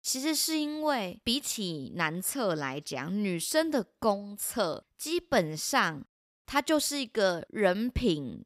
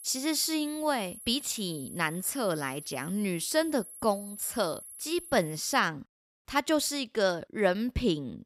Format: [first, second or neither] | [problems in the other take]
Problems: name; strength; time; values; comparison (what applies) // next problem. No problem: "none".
first | high-pitched whine; noticeable; until 6 s; 11 kHz, 15 dB below the speech